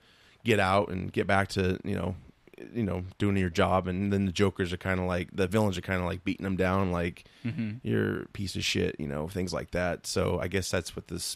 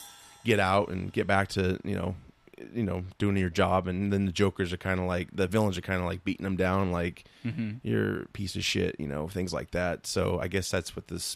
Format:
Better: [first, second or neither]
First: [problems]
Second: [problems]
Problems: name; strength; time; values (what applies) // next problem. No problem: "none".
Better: first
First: none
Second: background music; faint; throughout; 30 dB below the speech